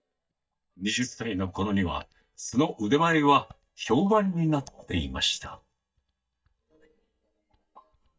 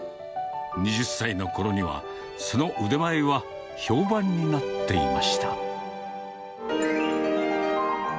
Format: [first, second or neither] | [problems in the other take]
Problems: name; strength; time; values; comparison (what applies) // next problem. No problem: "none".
second | noise reduction (neural mask model DeepFilterNet 3)